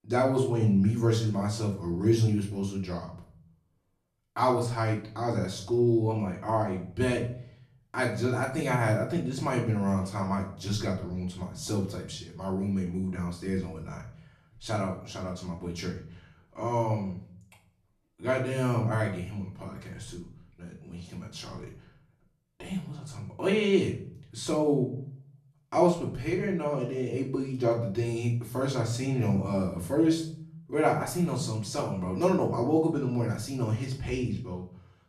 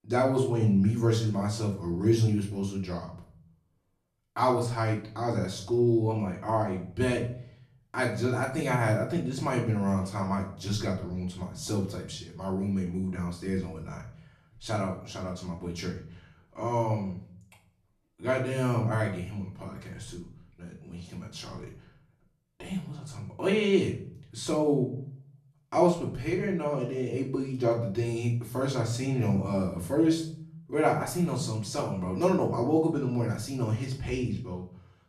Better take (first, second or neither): neither